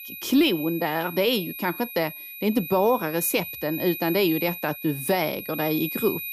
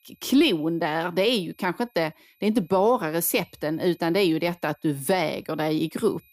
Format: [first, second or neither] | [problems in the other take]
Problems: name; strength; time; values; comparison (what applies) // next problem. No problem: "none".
second | high-pitched whine; loud; throughout; 2.5 kHz, 9 dB below the speech; faint in the second